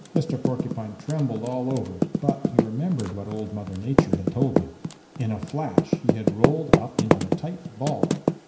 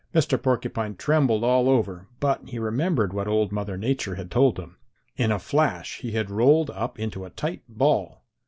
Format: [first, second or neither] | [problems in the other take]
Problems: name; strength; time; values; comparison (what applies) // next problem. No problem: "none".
second | background sound (Typing); 3 dB above the speech // room echo; dies away in 0.9 s